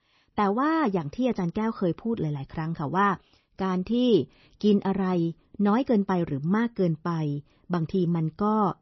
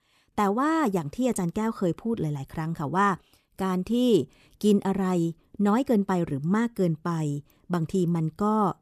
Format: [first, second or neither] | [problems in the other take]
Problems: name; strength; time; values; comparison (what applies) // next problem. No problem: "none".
second | garbled, watery; slightly; nothing above 6 kHz